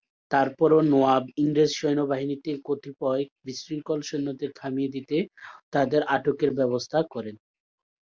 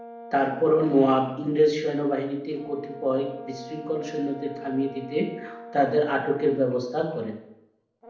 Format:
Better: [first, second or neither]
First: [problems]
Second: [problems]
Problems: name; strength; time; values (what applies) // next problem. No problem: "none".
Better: first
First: none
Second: background sound (Brass instrument); 17 dB below the speech // room echo; dies away in 0.7 s